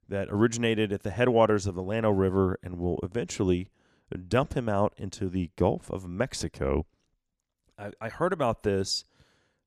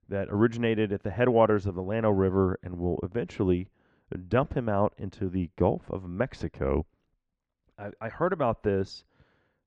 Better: first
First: none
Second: muffled; very; fading above 2 kHz

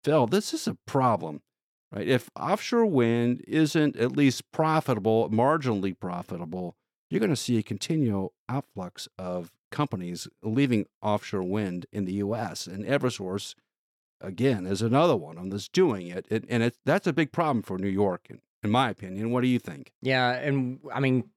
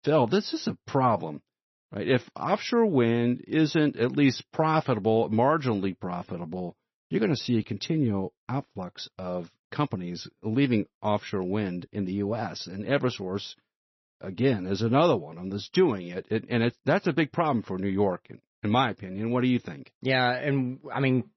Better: first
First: none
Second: garbled, watery; slightly; nothing above 6 kHz

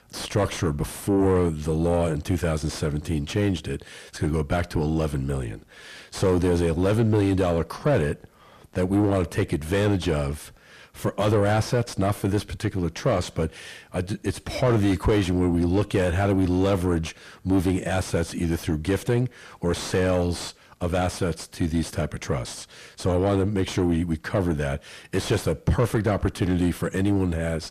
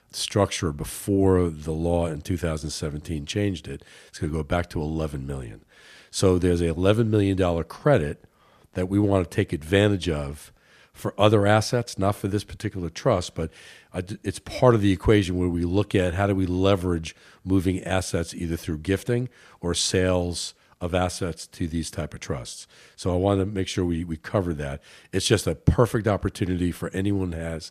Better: second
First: distortion; heavy; 6 dB below the speech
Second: none

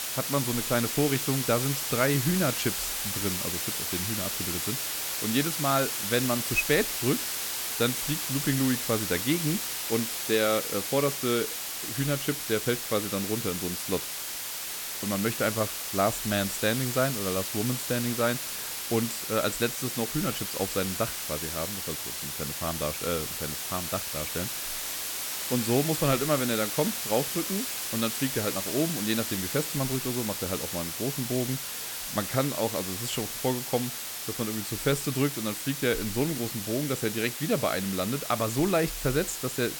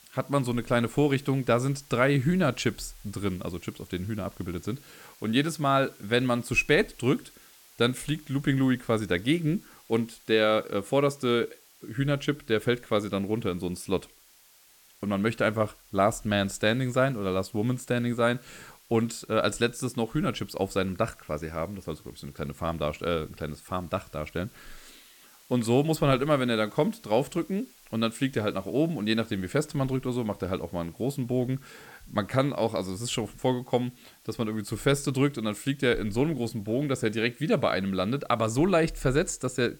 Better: second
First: hiss; loud; throughout; 1 dB below the speech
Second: hiss; faint; throughout; 25 dB below the speech

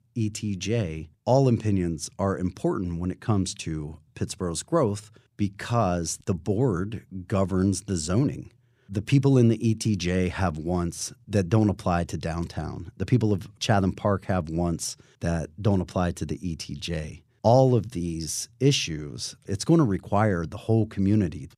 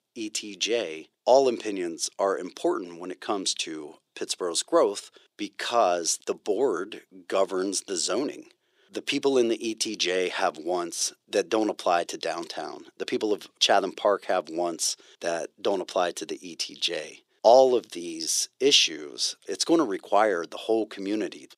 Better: first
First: none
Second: thin; very; fading below 350 Hz

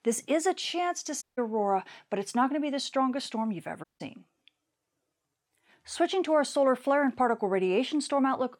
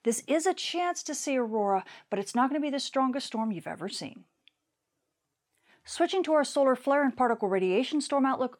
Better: second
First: audio cutting out; at 1 s and at 4 s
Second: none

